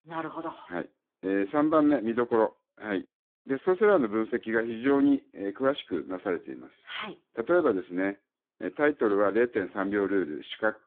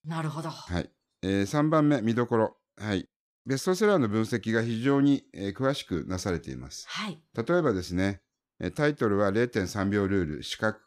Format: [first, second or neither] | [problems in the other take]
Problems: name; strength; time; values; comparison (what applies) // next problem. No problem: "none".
second | phone-call audio; poor line